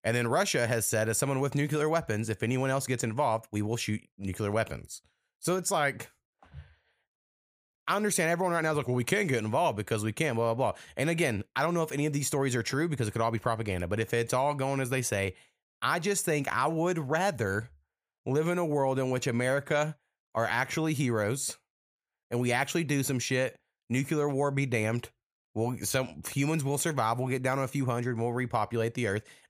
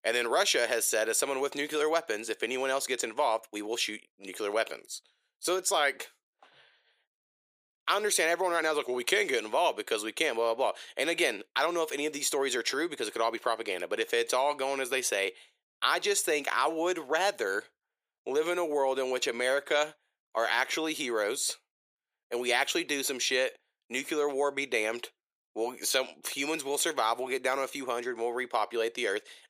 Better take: first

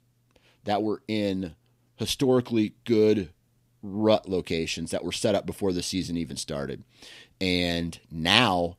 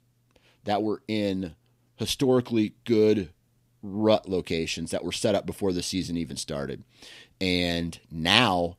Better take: neither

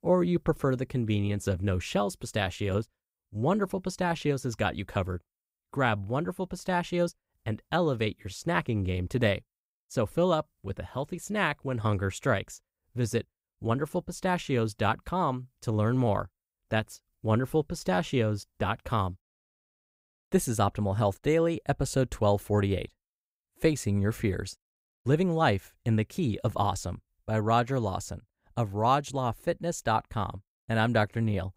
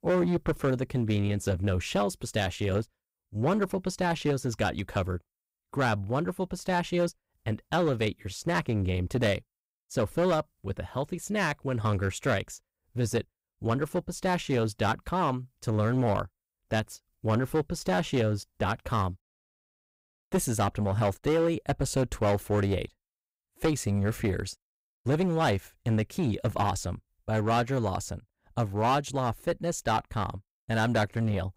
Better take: first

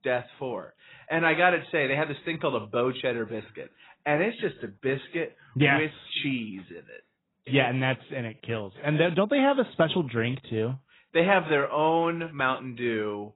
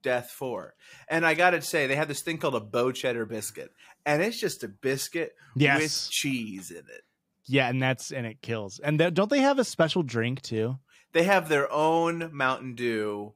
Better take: second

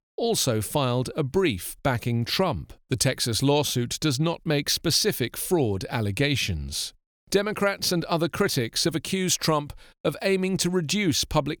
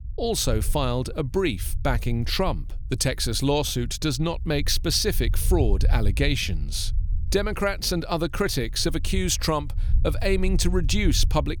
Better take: first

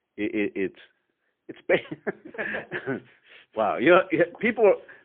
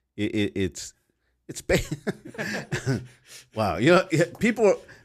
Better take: second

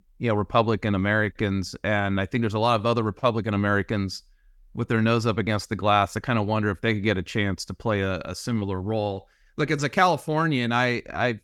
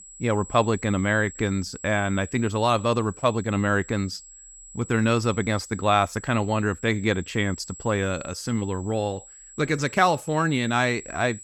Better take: first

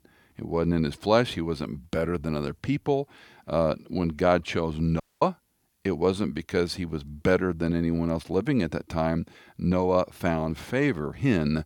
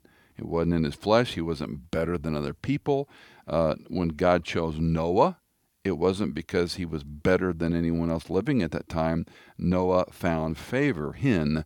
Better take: second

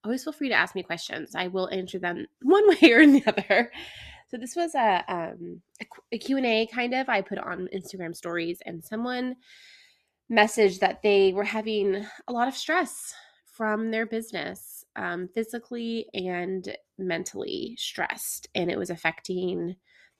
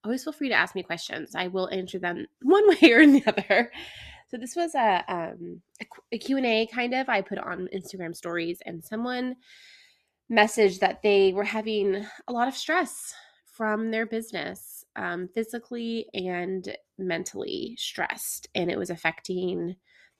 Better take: neither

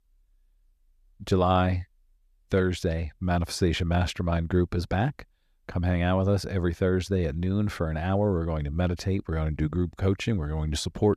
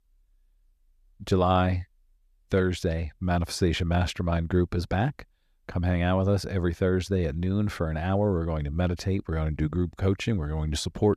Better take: neither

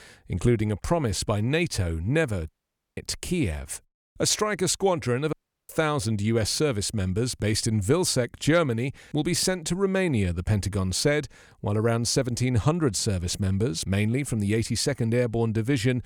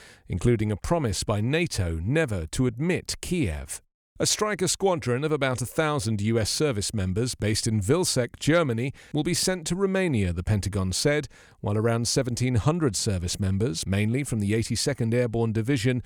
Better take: second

